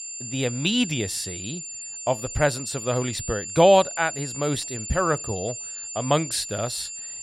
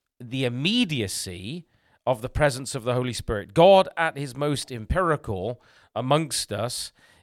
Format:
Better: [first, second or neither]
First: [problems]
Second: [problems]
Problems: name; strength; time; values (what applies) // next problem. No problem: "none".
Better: second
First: high-pitched whine; loud; throughout; 7 kHz, 8 dB below the speech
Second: none